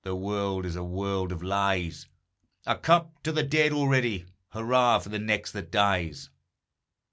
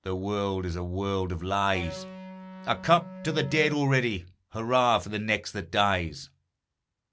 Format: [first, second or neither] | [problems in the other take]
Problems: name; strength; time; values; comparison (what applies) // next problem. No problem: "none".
first | background sound (Electric guitar); 12 dB below the speech